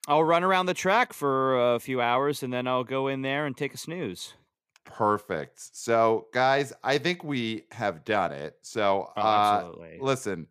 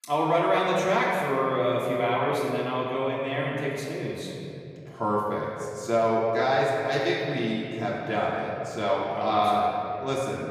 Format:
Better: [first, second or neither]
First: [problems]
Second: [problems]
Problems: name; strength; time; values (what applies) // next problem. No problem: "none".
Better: first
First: none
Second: off-mic speech; far // room echo; noticeable; dies away in 3 s